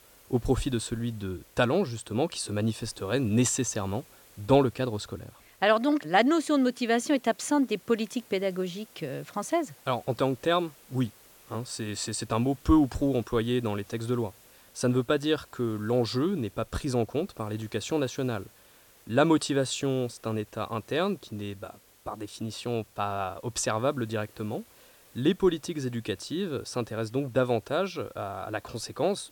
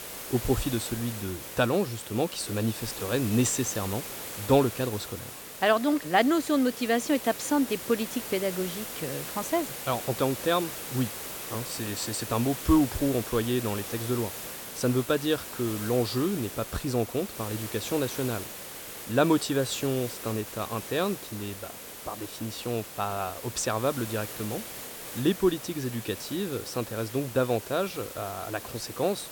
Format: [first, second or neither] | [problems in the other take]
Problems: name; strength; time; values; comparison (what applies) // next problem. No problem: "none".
first | hiss; loud; throughout; 8 dB below the speech; faint in the first